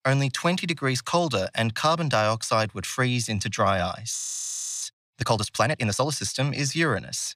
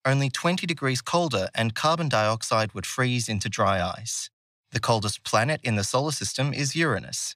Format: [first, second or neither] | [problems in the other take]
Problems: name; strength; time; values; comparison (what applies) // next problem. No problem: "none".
second | audio freezing; at 4 s for 0.5 s